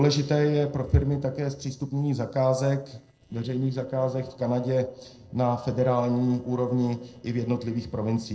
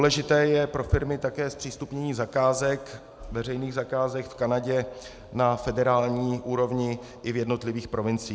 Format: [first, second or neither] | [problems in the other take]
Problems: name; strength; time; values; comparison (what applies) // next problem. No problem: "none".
second | noise reduction (neural separator model SepFormer DNS4)